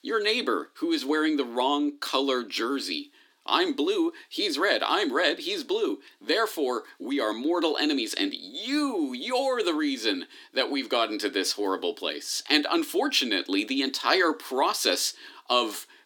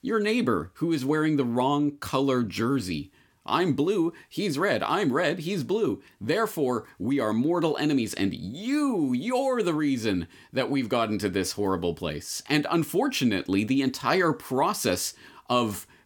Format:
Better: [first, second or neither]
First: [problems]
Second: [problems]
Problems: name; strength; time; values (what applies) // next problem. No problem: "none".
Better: second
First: thin; very slightly; fading below 300 Hz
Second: none